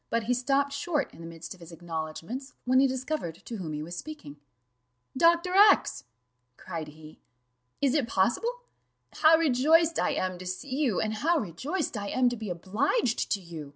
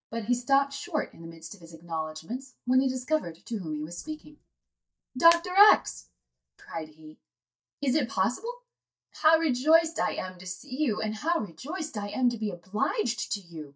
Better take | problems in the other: first | noise reduction (neural mask model DeepFilterNet 3)

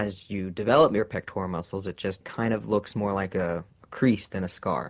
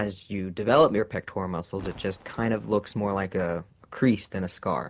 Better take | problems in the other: first | background sound (Fireworks); 20 dB below the speech

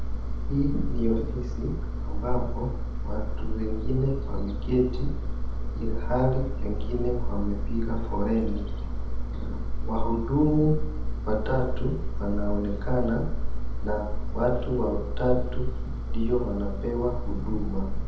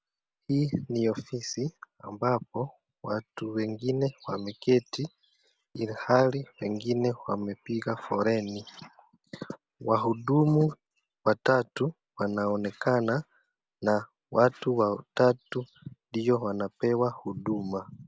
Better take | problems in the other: second | background sound (Engine); 3 dB above the speech // room echo; dies away in 1 s

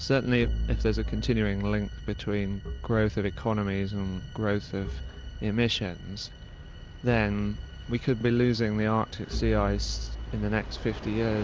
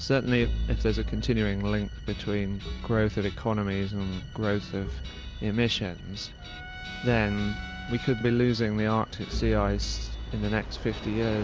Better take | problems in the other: first | background sound (Trumpet + Guitar); 17 dB below the speech

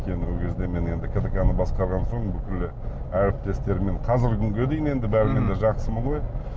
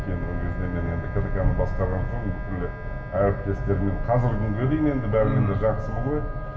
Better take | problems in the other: first | background sound (Wind instrument, woodwind instrument); 17 dB below the speech // room echo; dies away in 0.8 s

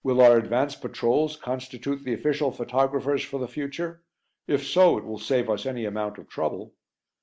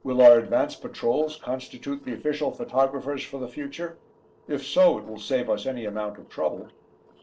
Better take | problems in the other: first | noise reduction (neural separator model SepFormer DNS4)

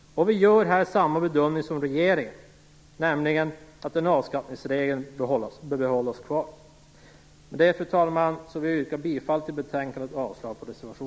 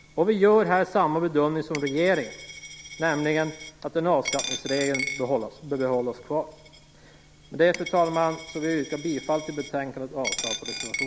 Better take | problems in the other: first | background sound (Coin (dropping)); 12 dB below the speech

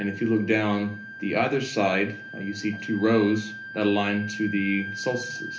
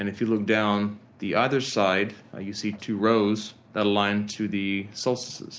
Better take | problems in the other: second | background sound (Wind instrument, woodwind instrument); 12 dB below the speech // room echo; dies away in 0.3 s

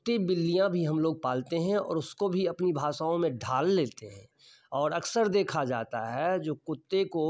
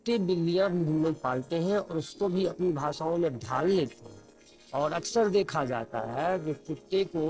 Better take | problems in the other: first | noise reduction (neural separator model SepFormer DNS4)

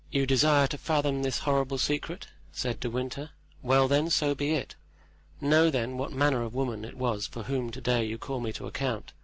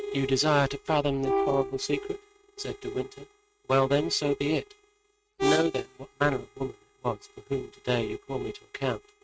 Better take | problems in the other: first | noise reduction (neural mask model RNNoise)

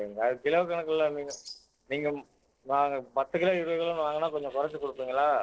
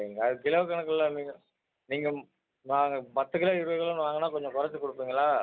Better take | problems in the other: second | noise reduction (neural separator model SepFormer DNS4)

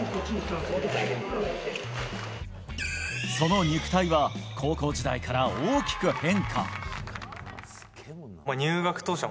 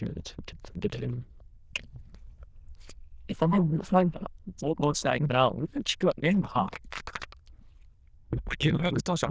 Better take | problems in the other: first | noise reduction (neural diffusion model UNIVERSE++)

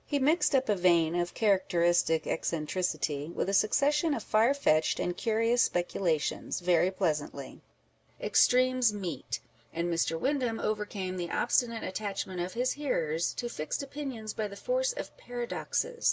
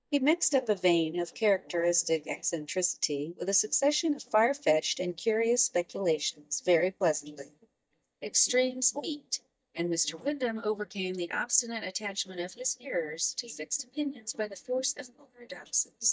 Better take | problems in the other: first | noise reduction (neural mask model DeepFilterNet 3)

